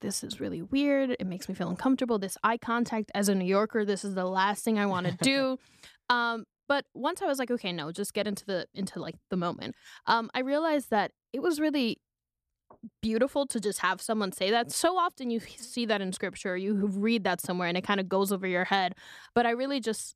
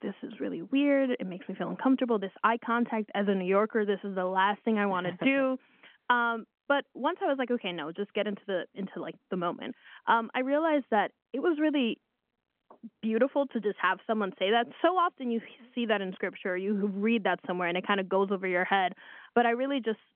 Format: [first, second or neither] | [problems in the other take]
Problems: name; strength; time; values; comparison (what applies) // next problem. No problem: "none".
first | phone-call audio; nothing above 3.5 kHz